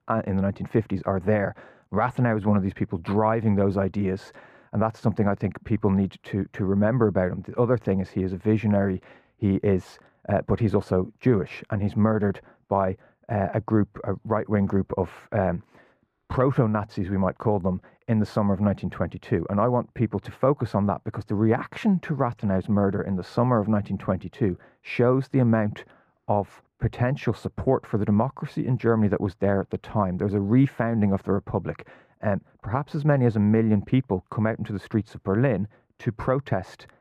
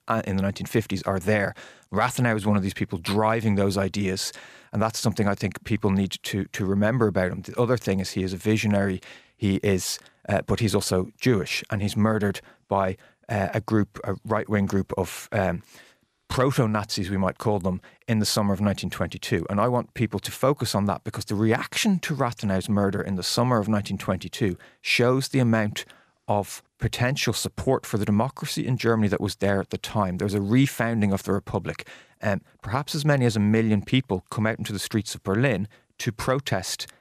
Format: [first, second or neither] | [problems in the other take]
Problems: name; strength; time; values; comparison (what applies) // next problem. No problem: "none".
second | muffled; very; fading above 2.5 kHz